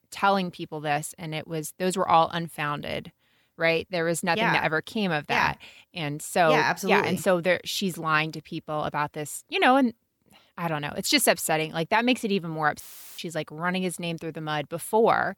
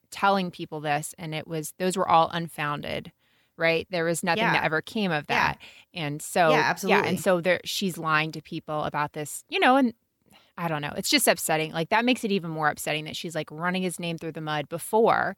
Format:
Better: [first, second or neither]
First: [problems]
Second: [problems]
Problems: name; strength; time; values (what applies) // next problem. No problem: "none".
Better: second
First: audio cutting out; filled with static; at 13 s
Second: none